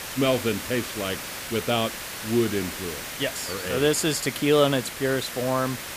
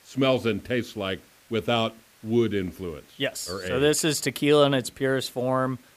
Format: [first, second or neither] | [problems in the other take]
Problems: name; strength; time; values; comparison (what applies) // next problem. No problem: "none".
second | hiss; loud; throughout; 7 dB below the speech; faint in the second